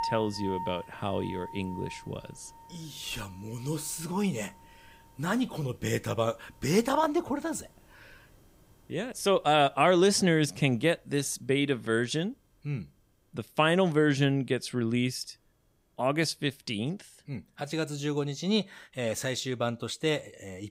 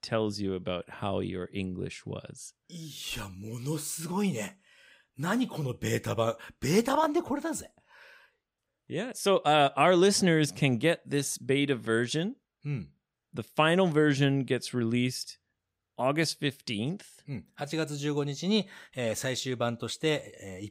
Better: second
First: background music; noticeable; throughout; 15 dB below the speech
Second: none

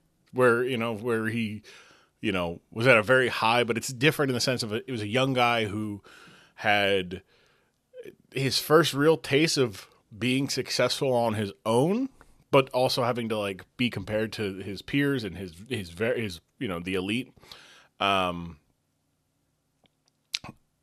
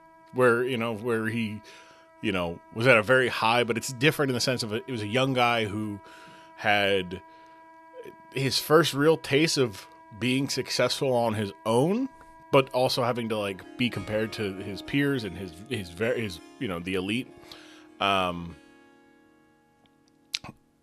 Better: first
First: none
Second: background music; faint; throughout; 25 dB below the speech

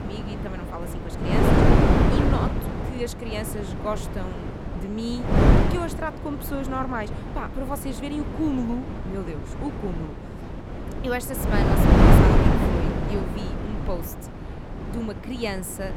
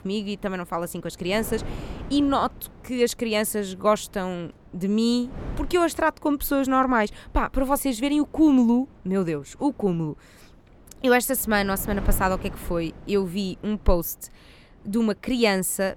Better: second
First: wind noise on the microphone; heavy; 5 dB above the speech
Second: wind noise on the microphone; occasional gusts; 20 dB below the speech

